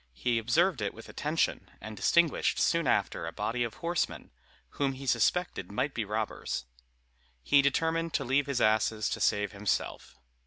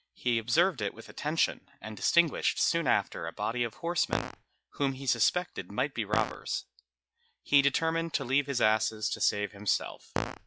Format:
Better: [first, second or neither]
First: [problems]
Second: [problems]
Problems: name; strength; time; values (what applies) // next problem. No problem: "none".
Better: first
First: none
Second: noise reduction (classical method log-MMSE)